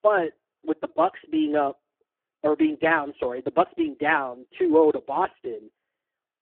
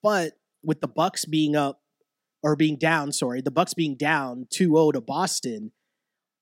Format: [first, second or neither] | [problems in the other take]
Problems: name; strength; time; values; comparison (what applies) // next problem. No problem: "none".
second | phone-call audio; poor line